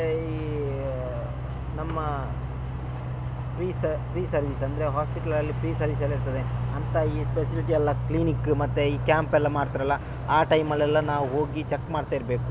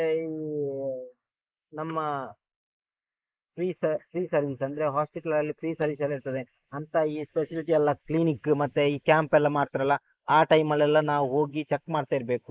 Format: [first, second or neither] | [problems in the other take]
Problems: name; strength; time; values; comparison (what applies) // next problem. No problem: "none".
first | noise reduction (neural mask model Resemble Enhance denoiser)